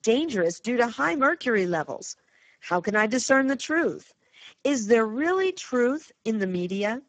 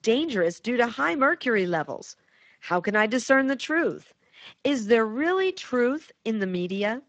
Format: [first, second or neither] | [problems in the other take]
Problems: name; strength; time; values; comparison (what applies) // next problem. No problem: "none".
second | garbled, watery; badly; nothing above 7.5 kHz; slightly in the second